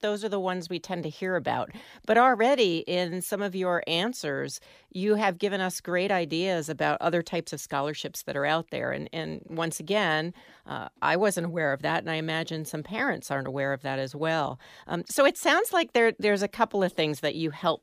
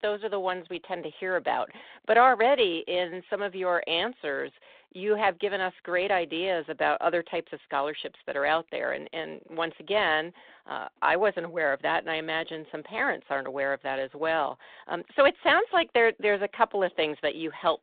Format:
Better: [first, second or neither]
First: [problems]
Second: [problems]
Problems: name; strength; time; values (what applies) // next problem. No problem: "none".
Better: first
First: none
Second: phone-call audio